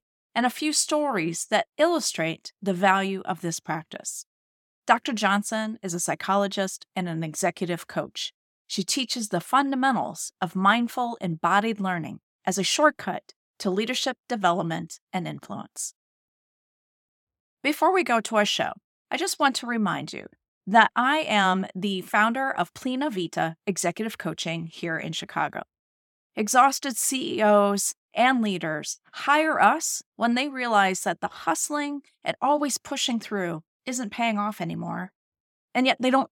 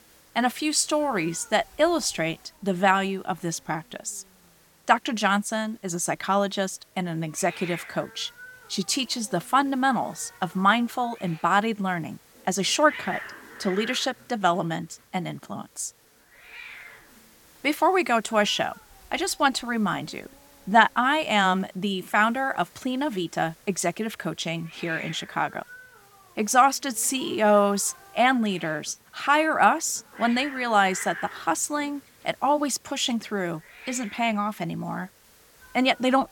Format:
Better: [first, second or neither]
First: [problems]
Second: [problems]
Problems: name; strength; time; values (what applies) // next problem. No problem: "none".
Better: first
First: none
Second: hiss; noticeable; throughout; 20 dB below the speech